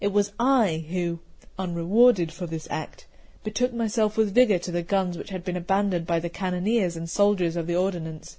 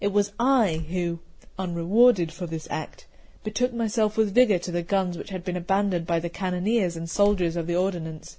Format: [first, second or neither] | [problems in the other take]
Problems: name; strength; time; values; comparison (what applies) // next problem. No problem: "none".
first | background sound (Slam); 14 dB below the speech